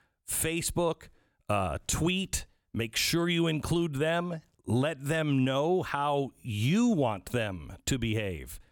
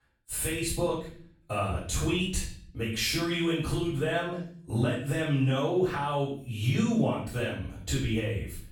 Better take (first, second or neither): first